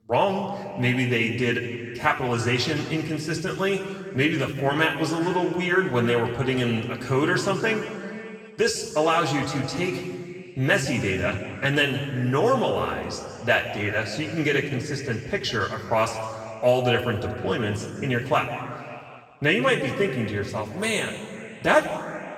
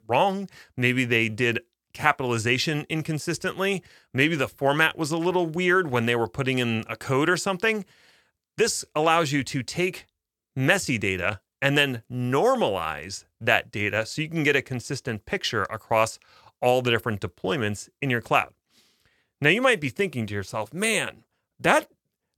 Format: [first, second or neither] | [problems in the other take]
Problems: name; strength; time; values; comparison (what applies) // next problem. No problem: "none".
second | room echo; noticeable; dies away in 2.1 s // off-mic speech; far